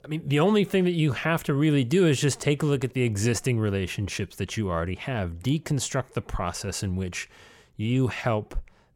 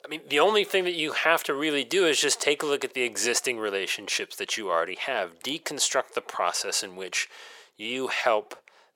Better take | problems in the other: first | thin; very; fading below 450 Hz

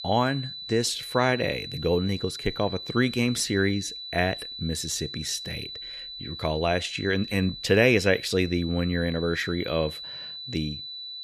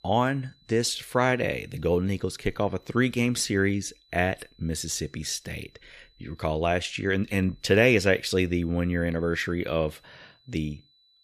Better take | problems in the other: second | high-pitched whine; loud; throughout; 4 kHz, 10 dB below the speech; faint in the second

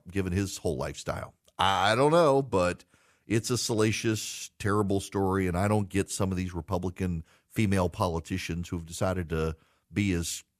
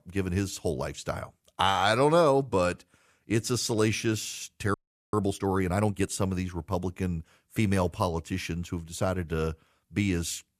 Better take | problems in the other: first | audio freezing; at 4.5 s

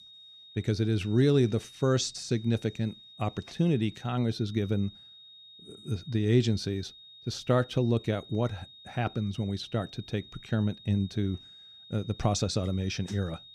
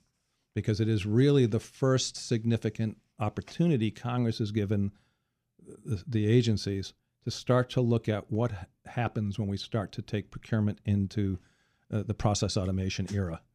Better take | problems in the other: second | high-pitched whine; noticeable; throughout; 3.5 kHz, 20 dB below the speech

